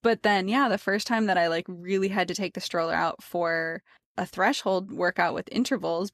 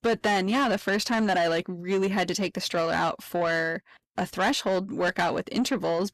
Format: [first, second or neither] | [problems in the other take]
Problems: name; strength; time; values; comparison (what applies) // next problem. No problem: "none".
first | distortion; slight; 10 dB below the speech